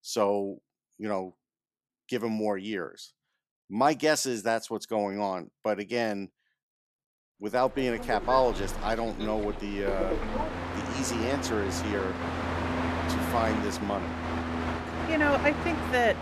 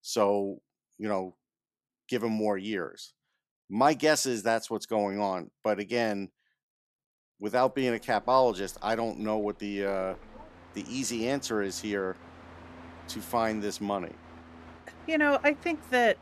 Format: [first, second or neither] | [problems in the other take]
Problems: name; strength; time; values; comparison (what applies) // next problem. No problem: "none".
second | train or aircraft noise; loud; from 8 s on; 3 dB below the speech; faint in the second